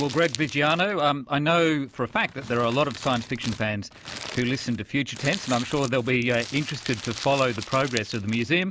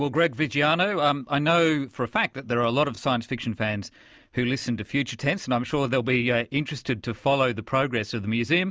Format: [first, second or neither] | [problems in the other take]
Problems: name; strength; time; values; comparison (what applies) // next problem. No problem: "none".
second | background sound (Crumpling, crinkling); 14 dB below the speech